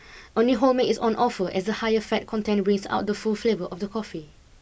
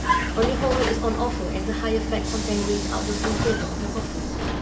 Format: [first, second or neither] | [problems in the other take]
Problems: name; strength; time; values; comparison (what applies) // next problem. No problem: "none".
first | background sound (Vehicle); 2 dB above the speech // room echo; dies away in 1.9 s